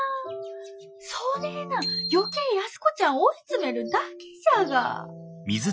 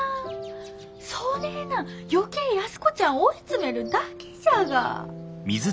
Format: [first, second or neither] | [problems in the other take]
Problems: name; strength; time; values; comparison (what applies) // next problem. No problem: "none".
second | noise reduction (classical method Wiener filter)